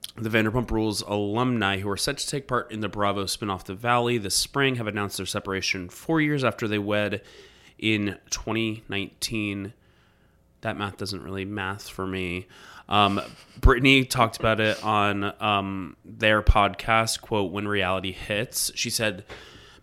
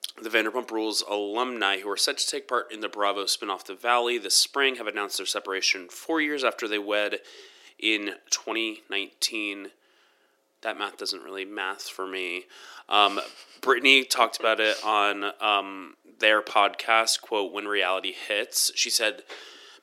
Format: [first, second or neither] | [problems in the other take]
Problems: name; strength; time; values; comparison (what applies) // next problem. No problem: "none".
first | thin; somewhat; fading below 300 Hz